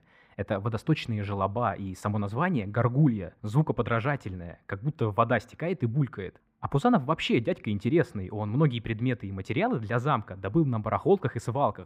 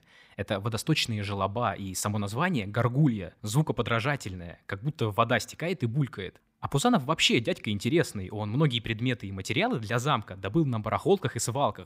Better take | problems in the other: second | muffled; very; fading above 3 kHz

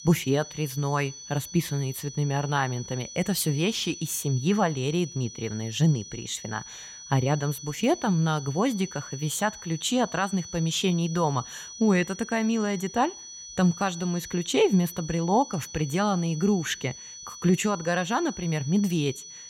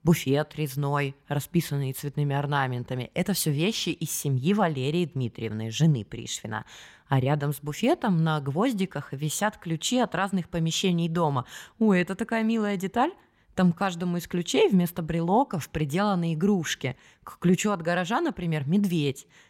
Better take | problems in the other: second | high-pitched whine; noticeable; throughout; 6 kHz, 15 dB below the speech

